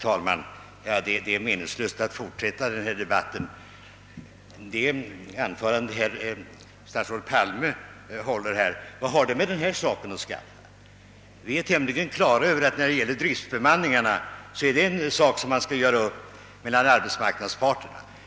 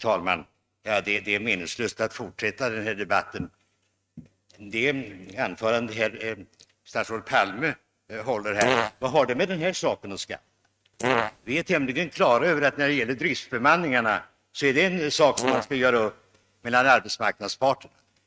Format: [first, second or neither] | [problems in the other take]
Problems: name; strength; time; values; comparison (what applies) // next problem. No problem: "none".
first | noise reduction (neural mask model RNNoise)